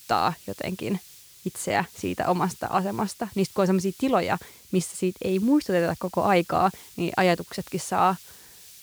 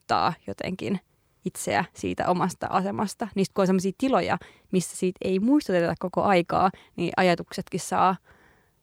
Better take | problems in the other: second | hiss; faint; throughout; 20 dB below the speech

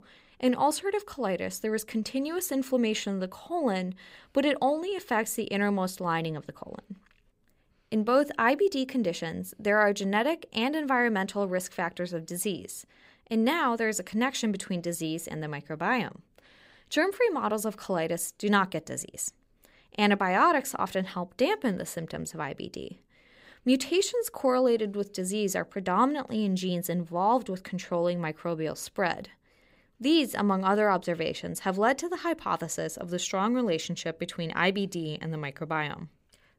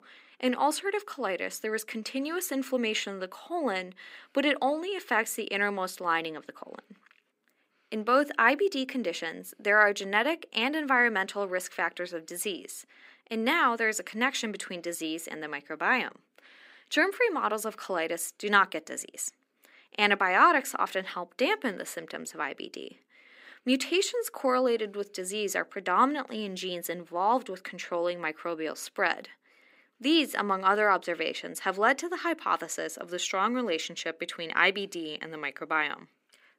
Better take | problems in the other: first | thin; very slightly; fading below 250 Hz

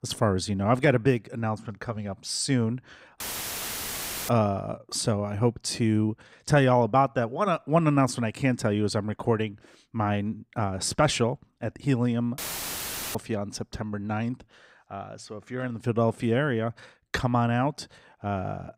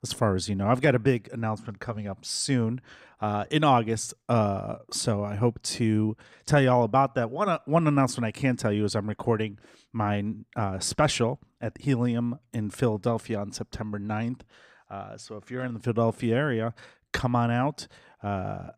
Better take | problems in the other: second | audio cutting out; filled with static; at 3 s for 1 s and at 12 s for 1 s

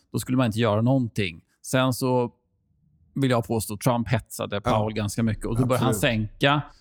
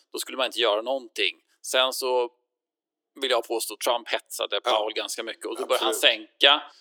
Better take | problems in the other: first | thin; very; fading below 350 Hz

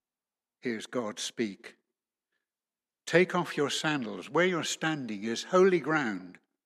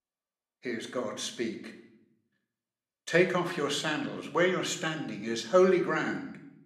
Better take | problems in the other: first | room echo; slight; dies away in 0.6 s

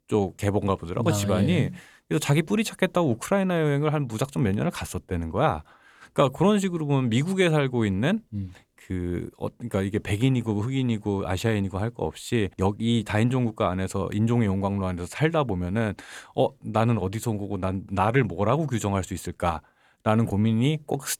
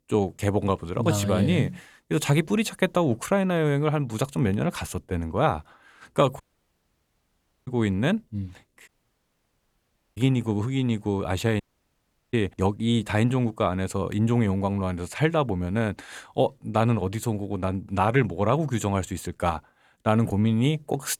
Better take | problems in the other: first | audio cutting out; at 6.5 s for 1.5 s, at 9 s for 1.5 s and at 12 s for 0.5 s

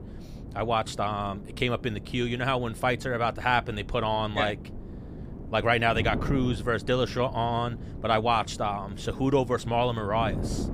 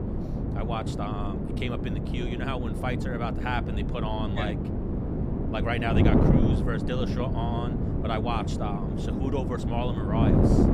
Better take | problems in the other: first | wind noise on the microphone; heavy; 1 dB below the speech; occasional gusts in the first

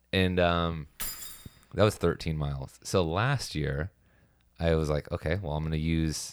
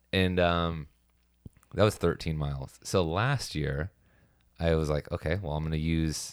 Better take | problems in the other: second | jangling keys; noticeable; at 1 s; peak 6 dB below the speech

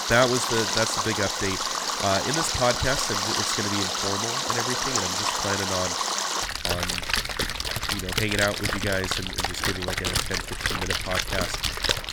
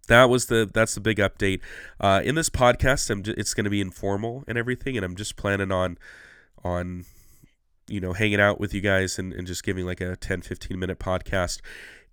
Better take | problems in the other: second | rain or running water; very loud; throughout; 3 dB above the speech

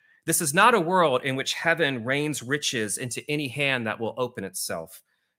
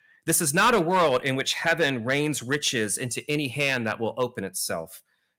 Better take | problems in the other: first | distortion; slight; 3% of the sound clipped

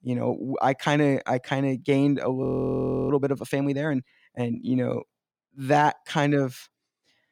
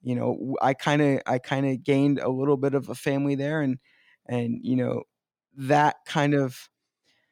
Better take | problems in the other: second | audio freezing; at 2.5 s for 0.5 s

